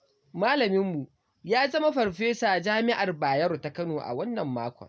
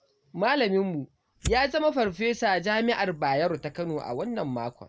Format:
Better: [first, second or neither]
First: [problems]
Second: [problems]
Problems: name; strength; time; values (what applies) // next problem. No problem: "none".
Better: first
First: none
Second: background sound (Fire); 16 dB below the speech